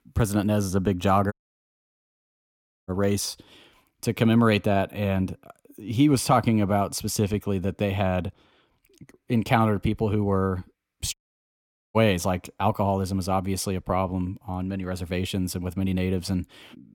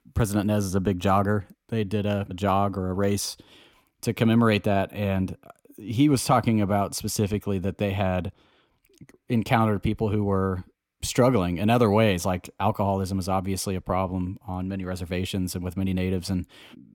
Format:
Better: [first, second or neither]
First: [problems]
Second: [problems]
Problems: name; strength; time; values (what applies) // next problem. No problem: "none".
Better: second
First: audio cutting out; at 1.5 s for 1.5 s and at 11 s for 1 s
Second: none